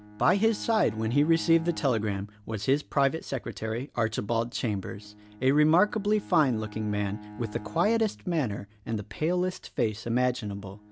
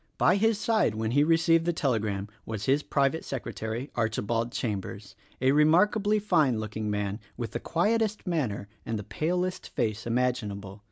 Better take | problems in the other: second | background sound (Bowed string instrument); 19 dB below the speech

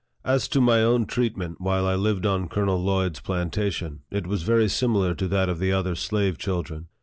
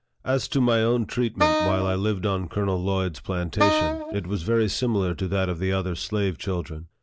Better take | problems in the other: first | background sound (Wind instrument, woodwind instrument); 1 dB below the speech

